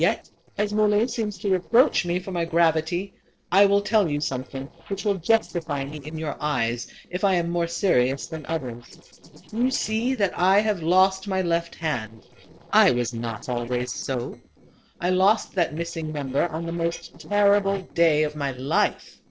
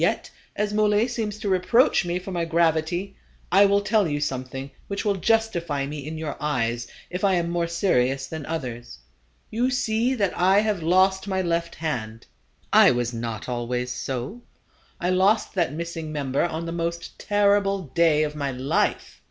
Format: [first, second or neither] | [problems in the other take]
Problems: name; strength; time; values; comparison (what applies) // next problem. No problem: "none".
second | noise reduction (neural separator model SepFormer DNS4)